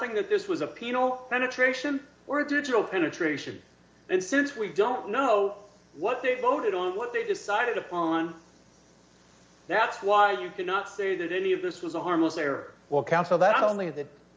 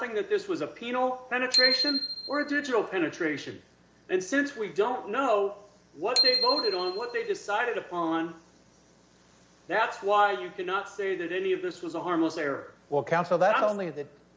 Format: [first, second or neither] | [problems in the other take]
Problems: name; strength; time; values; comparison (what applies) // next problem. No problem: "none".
first | background sound (Bicycle bell); 3 dB below the speech